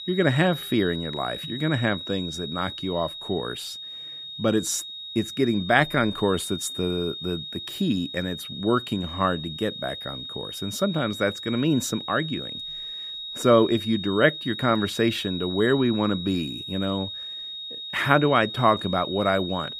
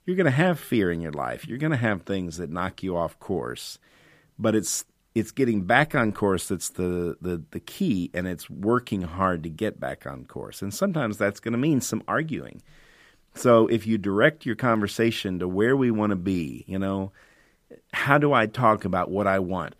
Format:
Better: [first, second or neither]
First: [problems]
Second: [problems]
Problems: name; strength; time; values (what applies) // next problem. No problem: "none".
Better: second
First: high-pitched whine; loud; throughout; 3.5 kHz, 8 dB below the speech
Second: none